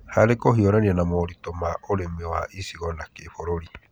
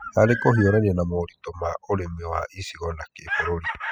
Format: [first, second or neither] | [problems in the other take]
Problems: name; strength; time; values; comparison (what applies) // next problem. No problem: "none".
first | noise reduction (classical method spectral subtraction)